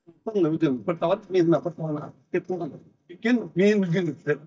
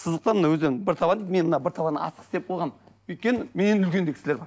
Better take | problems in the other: second | noise reduction (neural mask model DeepFilterNet 3)

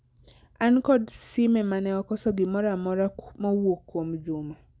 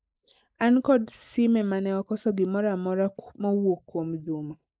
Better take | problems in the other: first | noise reduction (neural mask model Resemble Enhance denoiser)

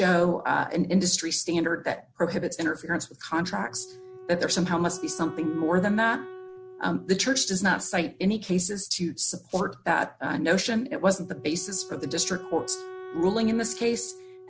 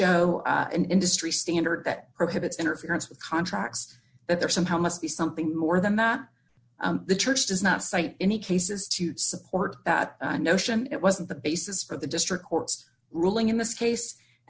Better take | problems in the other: second | background sound (Wind instrument, woodwind instrument + Squeak); 17 dB below the speech

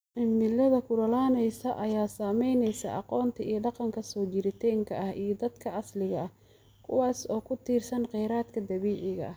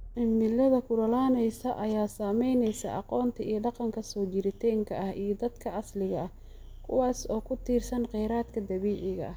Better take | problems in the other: first | background sound (Accelerating, revving, vroom); 18 dB below the speech

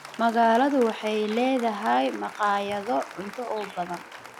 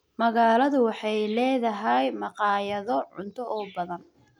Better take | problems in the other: second | background sound (Applause); 16 dB below the speech

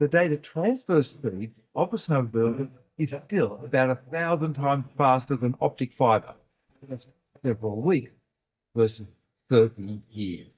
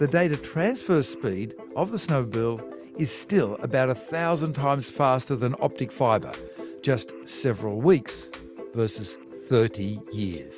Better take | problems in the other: second | noise reduction (neural mask model DeepFilterNet 3)

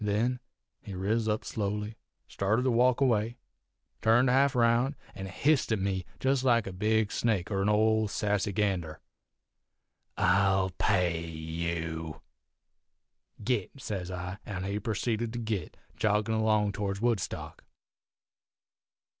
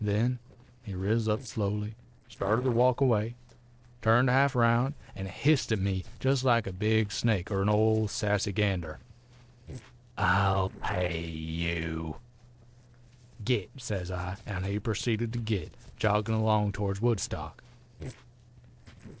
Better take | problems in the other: first | noise reduction (neural separator model SepFormer DNS4)

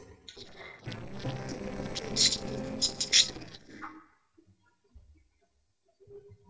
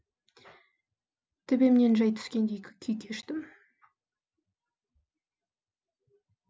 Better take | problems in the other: second | noise reduction (neural separator model SepFormer DNS4)

